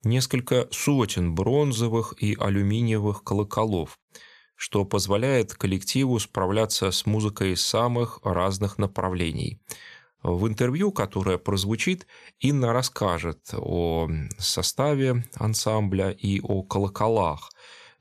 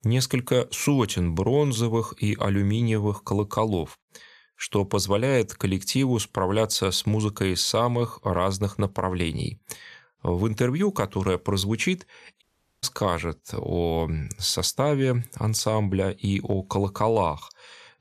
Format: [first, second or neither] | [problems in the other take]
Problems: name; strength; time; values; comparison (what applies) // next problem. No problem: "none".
first | audio cutting out; at 12 s